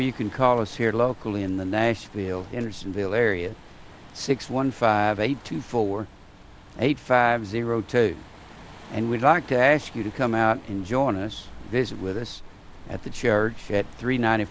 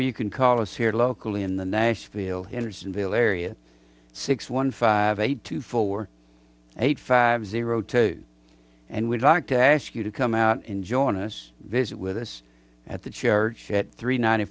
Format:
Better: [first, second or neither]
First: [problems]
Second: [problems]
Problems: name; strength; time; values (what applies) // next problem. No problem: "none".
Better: second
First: background sound (Bird + Waves, surf); 18 dB below the speech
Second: none